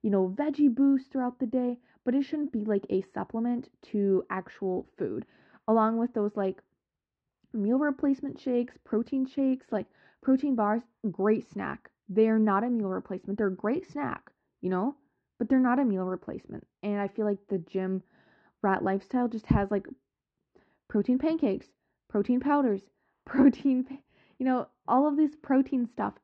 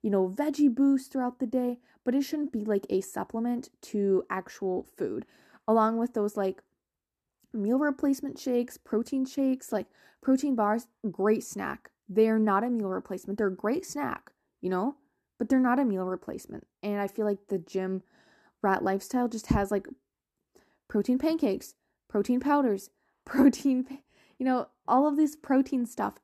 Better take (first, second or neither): second